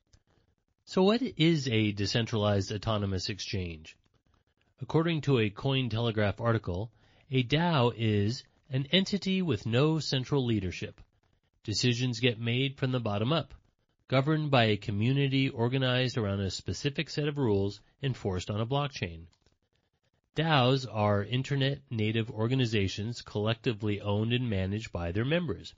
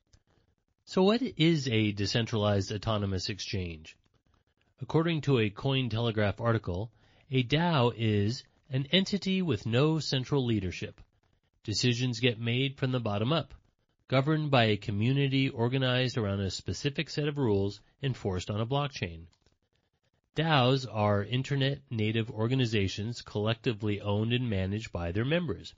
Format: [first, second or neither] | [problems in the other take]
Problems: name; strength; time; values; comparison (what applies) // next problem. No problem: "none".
neither | garbled, watery; slightly; nothing above 7 kHz; the same in both